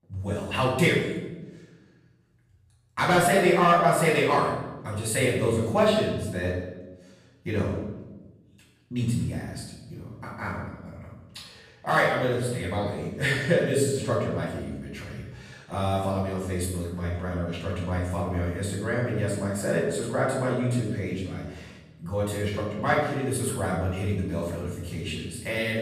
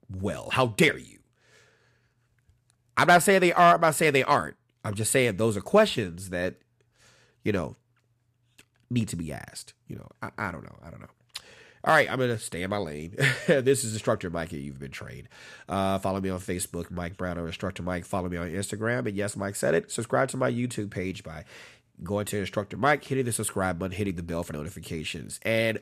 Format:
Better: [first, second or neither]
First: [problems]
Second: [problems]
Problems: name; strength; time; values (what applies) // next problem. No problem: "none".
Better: second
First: off-mic speech; far // room echo; noticeable; dies away in 1 s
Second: none